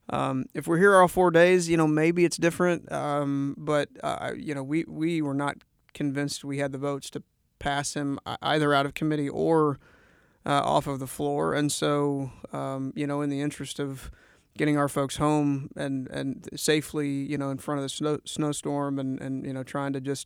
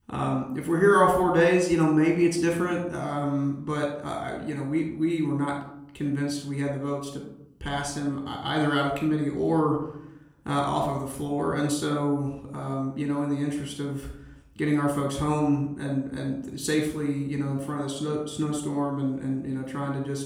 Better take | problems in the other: first | off-mic speech; somewhat distant // room echo; noticeable; dies away in 0.6 s

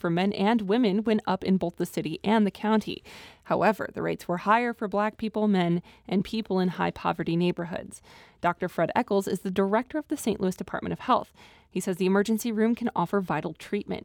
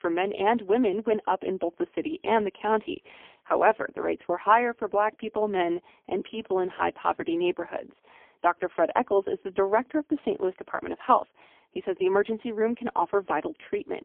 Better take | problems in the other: first | phone-call audio; poor line; nothing above 3.5 kHz

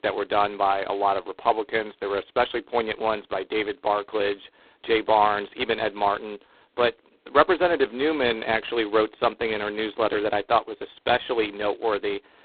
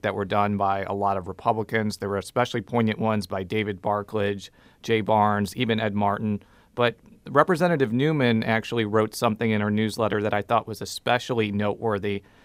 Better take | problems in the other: second | phone-call audio; poor line; nothing above 4 kHz

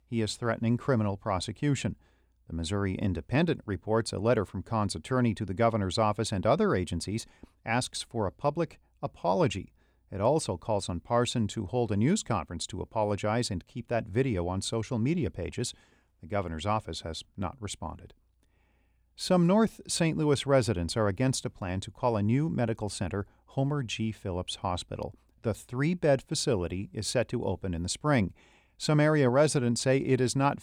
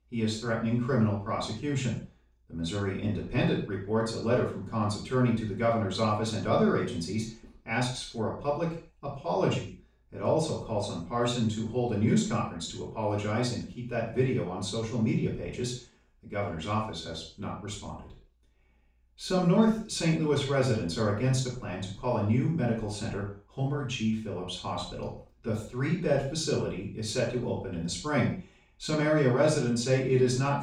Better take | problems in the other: first | room echo; noticeable; dies away in 0.4 s // off-mic speech; far

